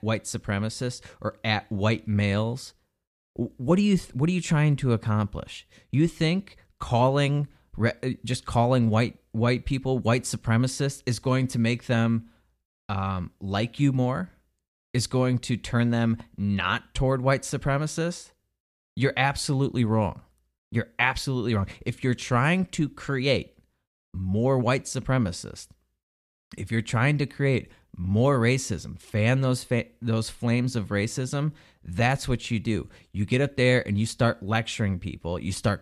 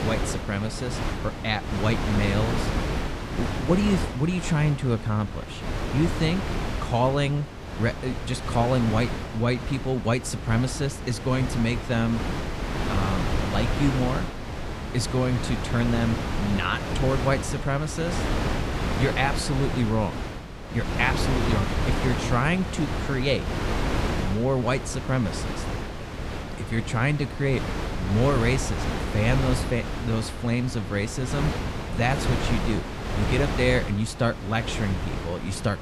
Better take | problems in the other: first | wind noise on the microphone; heavy; 4 dB below the speech

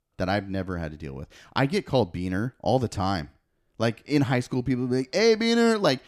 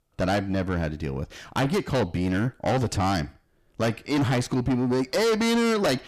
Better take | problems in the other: first | distortion; heavy; 6 dB below the speech

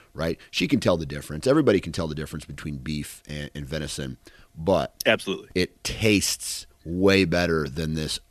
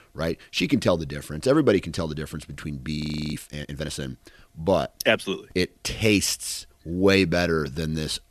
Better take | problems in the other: first | audio freezing; at 3 s

